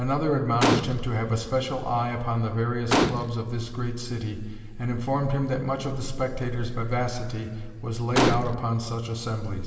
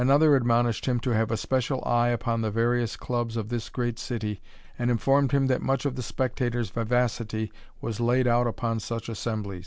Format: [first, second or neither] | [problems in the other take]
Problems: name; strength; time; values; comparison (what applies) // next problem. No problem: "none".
second | background sound (Gunshot, gunfire); 1 dB below the speech // room echo; dies away in 2.4 s